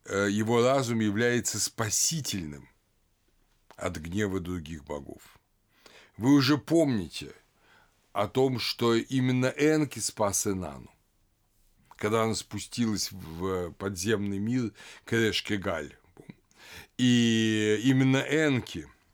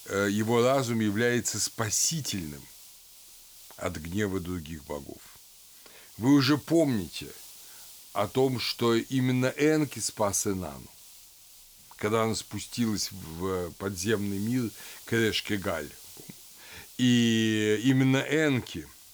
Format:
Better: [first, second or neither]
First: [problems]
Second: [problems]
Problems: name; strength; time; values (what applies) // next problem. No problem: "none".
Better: first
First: none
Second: hiss; noticeable; throughout; 20 dB below the speech